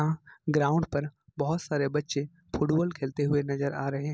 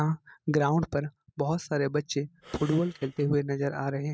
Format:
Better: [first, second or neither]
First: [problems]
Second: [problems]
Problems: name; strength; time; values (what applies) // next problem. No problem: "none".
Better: first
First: none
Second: noise reduction (neural mask model RNNoise)